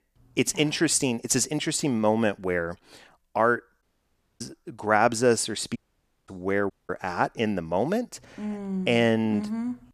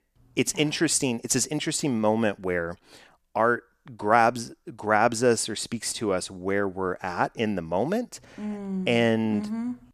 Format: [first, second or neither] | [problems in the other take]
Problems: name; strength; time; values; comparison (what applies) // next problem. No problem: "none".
second | audio cutting out; at 4 s for 0.5 s, at 6 s for 0.5 s and at 6.5 s